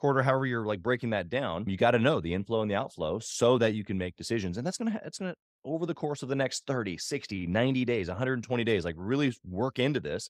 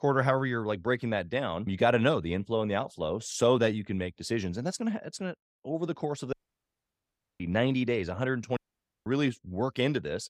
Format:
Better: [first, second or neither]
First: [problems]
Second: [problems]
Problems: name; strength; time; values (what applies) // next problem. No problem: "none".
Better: first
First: none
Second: audio cutting out; at 6.5 s for 1 s and at 8.5 s